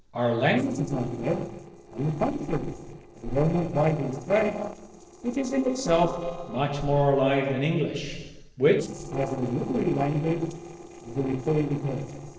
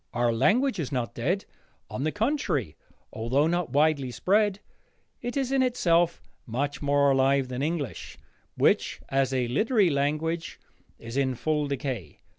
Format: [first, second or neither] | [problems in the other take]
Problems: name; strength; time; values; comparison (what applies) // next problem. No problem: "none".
second | noise reduction (neural separator model SepFormer DNS4)